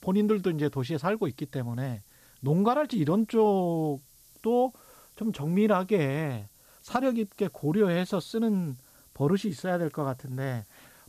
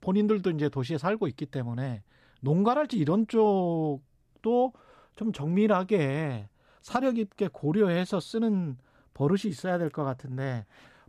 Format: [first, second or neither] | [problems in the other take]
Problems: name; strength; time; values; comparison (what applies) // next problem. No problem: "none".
second | hiss; faint; throughout; 25 dB below the speech